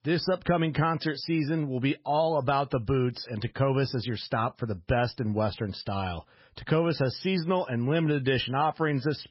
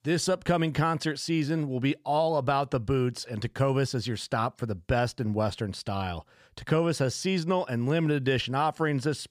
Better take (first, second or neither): second